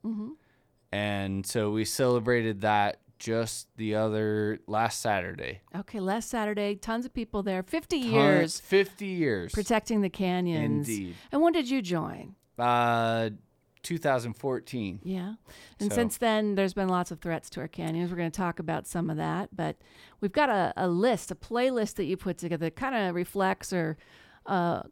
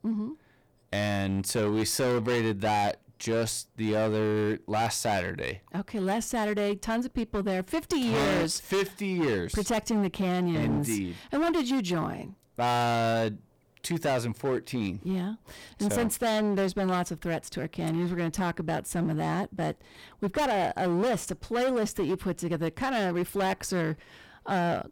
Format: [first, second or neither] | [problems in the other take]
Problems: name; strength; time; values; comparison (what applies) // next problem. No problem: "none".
first | distortion; heavy; 16% of the sound clipped